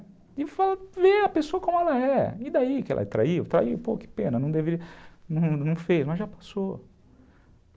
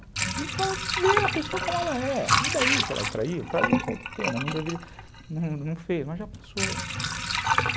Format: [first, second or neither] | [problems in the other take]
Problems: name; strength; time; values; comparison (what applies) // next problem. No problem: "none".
first | background sound (Sink (filling or washing) / Water); 2 dB above the speech